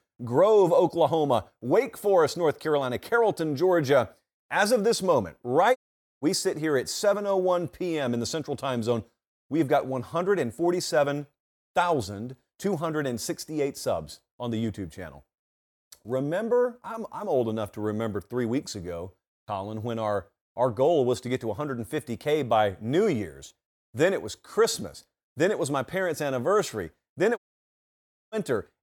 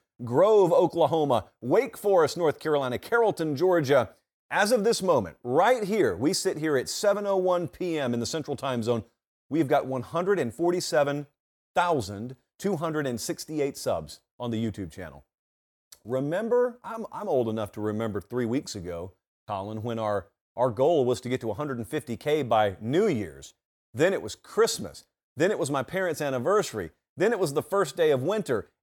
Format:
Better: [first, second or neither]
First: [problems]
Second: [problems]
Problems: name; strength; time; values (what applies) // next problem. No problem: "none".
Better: second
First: audio cutting out; at 6 s and at 27 s for 1 s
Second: none